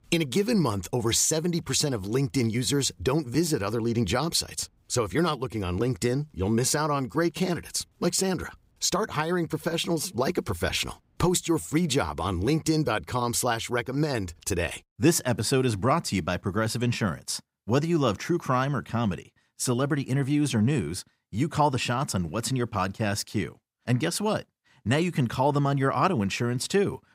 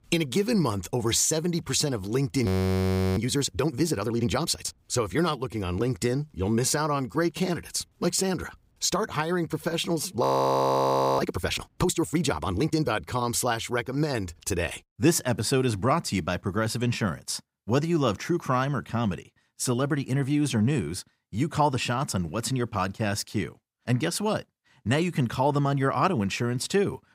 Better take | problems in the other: first | audio freezing; at 2.5 s for 0.5 s and at 10 s for 1 s

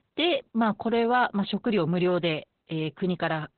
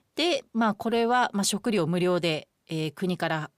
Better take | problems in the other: second | garbled, watery; badly; nothing above 4 kHz

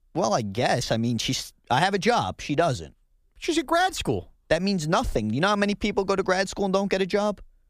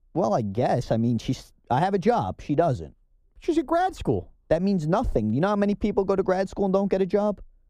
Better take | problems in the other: first | muffled; slightly; fading above 1.5 kHz

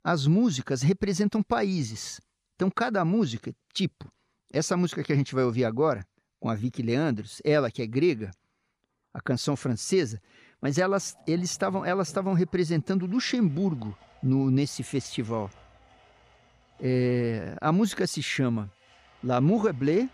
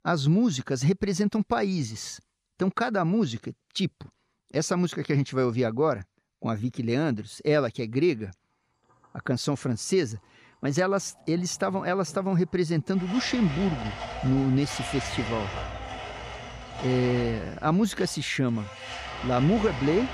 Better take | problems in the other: first | household noises; loud; from 8.5 s on; 9 dB below the speech; faint in the first

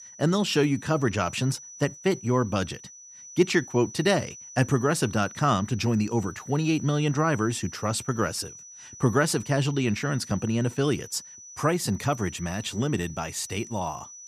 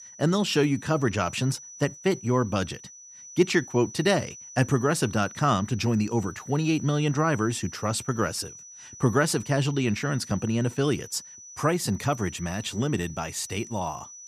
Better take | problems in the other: neither | high-pitched whine; noticeable; throughout; 6 kHz, 15 dB below the speech; the same in both

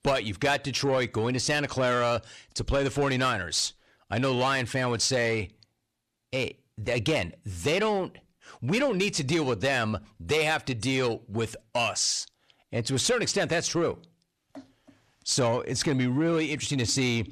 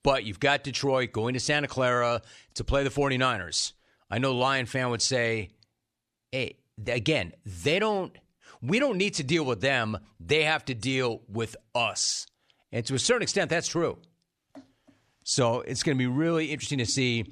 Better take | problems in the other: second | distortion; slight; 10 dB below the speech

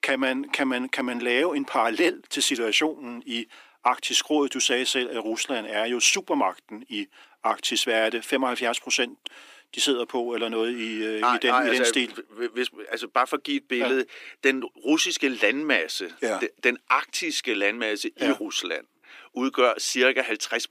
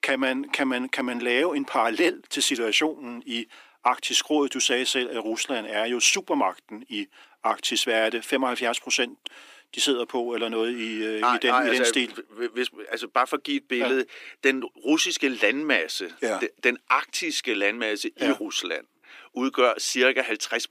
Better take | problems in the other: neither | thin; somewhat; fading below 300 Hz; the same in both

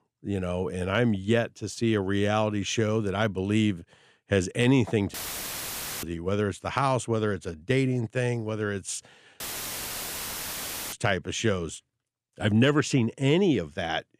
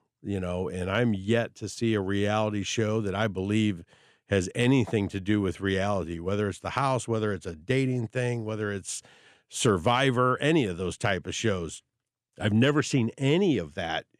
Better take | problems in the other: second | audio cutting out; filled with static; at 5 s for 1 s and at 9.5 s for 1.5 s

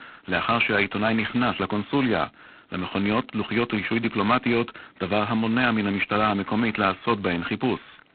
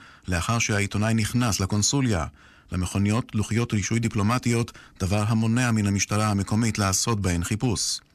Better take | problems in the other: second | phone-call audio; poor line; nothing above 4 kHz

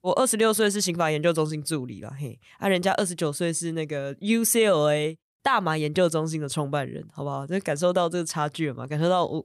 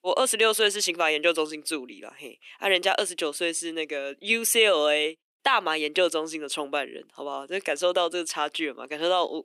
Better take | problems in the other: first | thin; somewhat; fading below 300 Hz

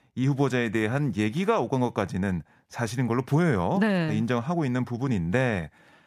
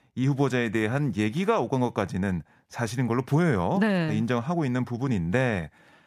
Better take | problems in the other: neither | none

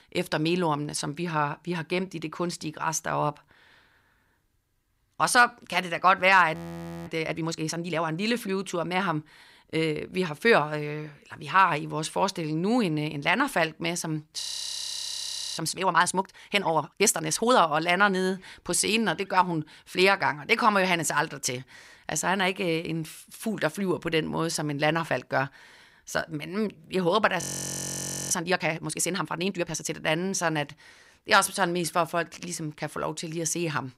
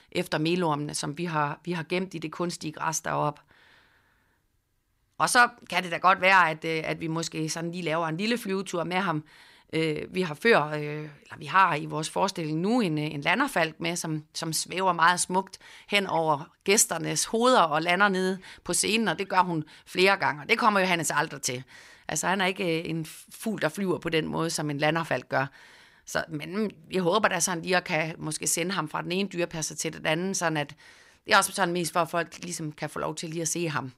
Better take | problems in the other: second | audio freezing; at 6.5 s for 0.5 s, at 14 s for 1 s and at 27 s for 1 s

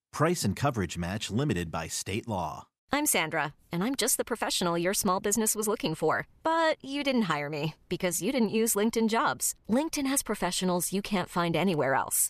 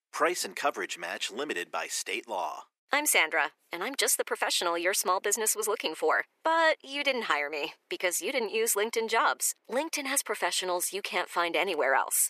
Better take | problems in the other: first | thin; very; fading below 350 Hz

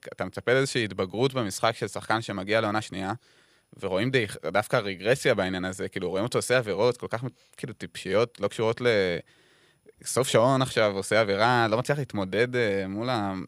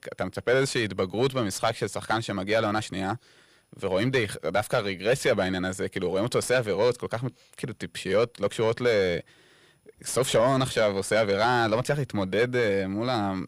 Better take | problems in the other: first | distortion; slight; 10 dB below the speech

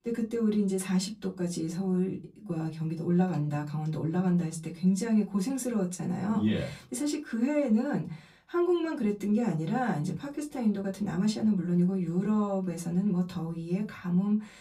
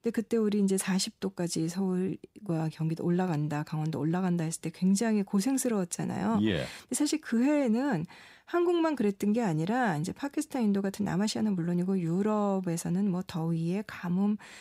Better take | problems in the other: second | off-mic speech; far // room echo; very slight; dies away in 0.3 s

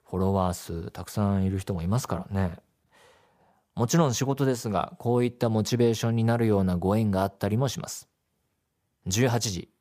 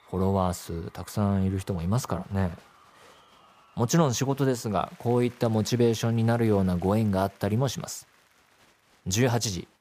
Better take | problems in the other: first | crowd noise; faint; throughout; 30 dB below the speech

